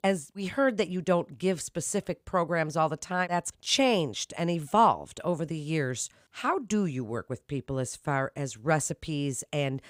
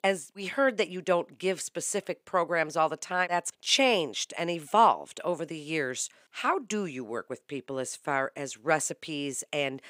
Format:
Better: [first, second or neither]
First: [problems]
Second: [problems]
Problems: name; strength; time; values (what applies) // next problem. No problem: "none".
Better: first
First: none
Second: thin; very slightly; fading below 300 Hz